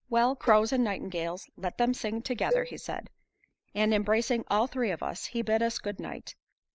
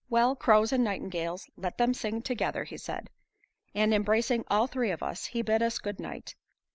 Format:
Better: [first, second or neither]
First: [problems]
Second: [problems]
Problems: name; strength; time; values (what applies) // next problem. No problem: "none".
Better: second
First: noise reduction (neural mask model Resemble Enhance denoiser)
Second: none